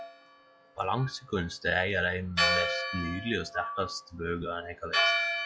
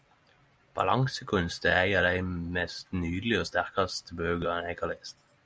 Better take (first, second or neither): second